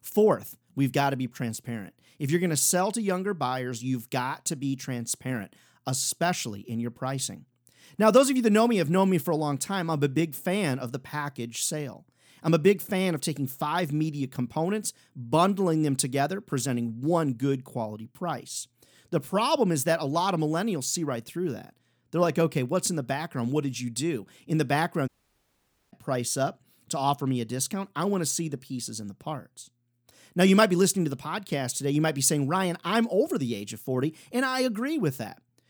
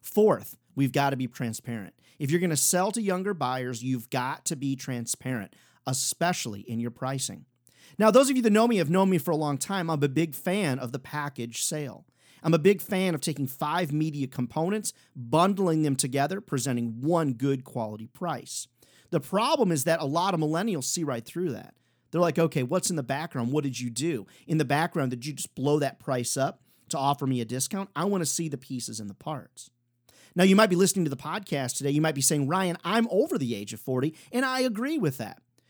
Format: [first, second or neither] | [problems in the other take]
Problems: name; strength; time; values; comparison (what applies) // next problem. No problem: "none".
second | audio cutting out; at 25 s for 1 s